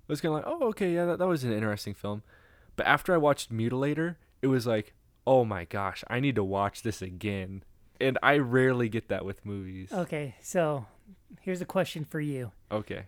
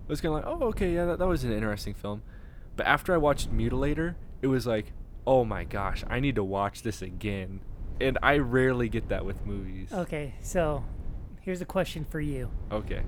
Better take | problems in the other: first | low rumble; faint; throughout; 25 dB below the speech

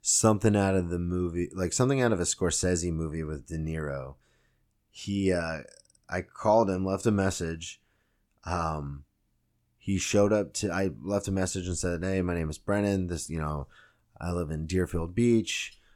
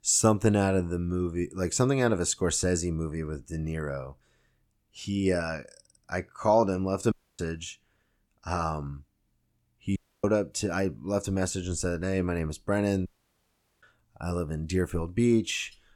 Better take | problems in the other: first | audio cutting out; at 7 s, at 10 s and at 13 s for 1 s

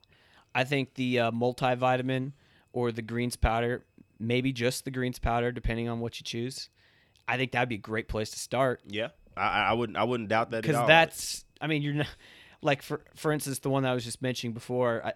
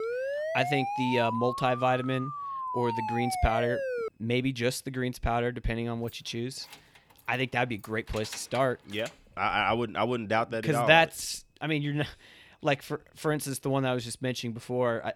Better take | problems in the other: first | siren; noticeable; until 4 s; peak 3 dB below the speech // jangling keys; faint; from 6 to 9 s; peak 15 dB below the speech

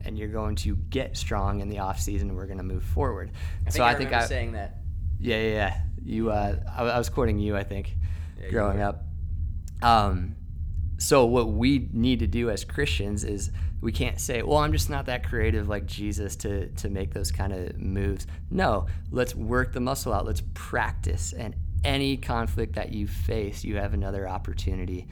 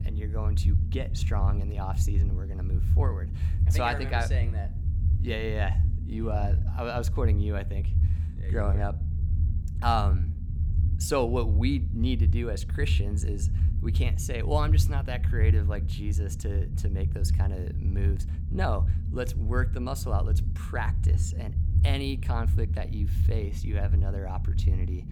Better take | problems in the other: first | low rumble; loud; throughout; 10 dB below the speech; faint in the first

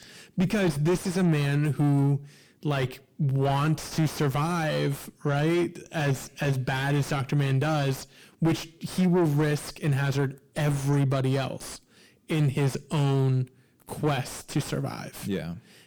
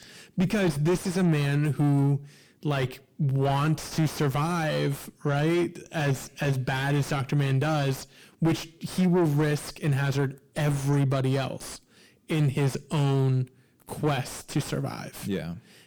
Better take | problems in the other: neither | distortion; heavy; 5 dB below the speech; the same in both

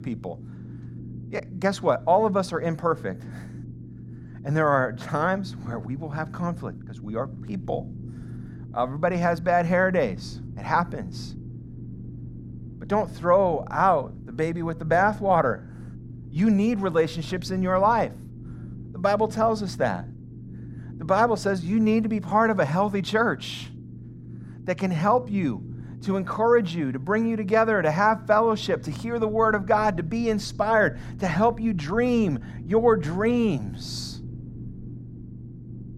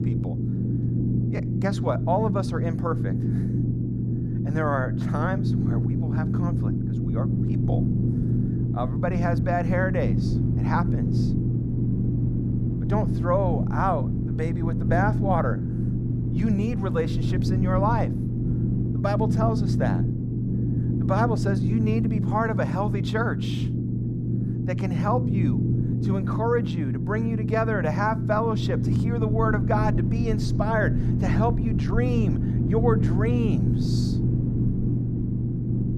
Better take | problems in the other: first | low rumble; loud; throughout; 6 dB below the speech; faint in the first

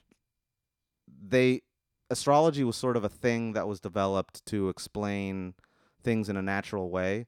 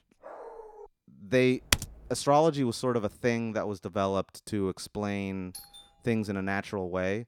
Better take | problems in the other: first | dog barking; faint; at the start; peak 15 dB below the speech // keyboard typing; loud; at 1.5 s; peak 1 dB above the speech // doorbell; faint; at 5.5 s; peak 15 dB below the speech

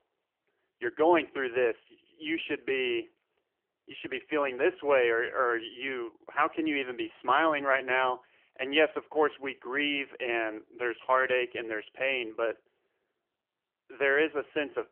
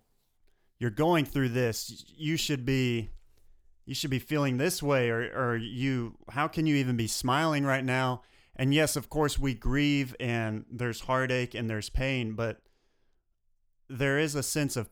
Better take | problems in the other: second | phone-call audio; poor line; nothing above 3 kHz

